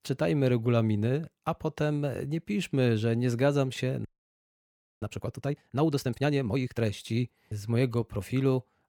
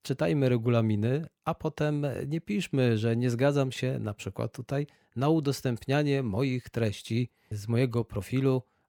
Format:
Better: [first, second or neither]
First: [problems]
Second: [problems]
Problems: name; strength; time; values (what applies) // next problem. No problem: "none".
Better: second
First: audio freezing; at 4 s for 1 s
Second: none